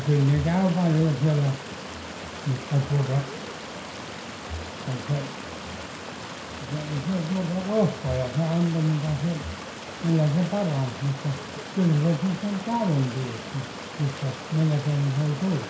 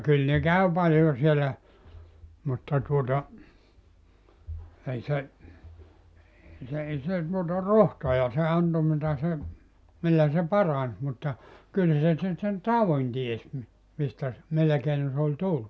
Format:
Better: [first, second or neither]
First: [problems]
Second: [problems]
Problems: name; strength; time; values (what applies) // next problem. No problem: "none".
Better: second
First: background sound (Stream); 11 dB below the speech // room echo; dies away in 0.5 s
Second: none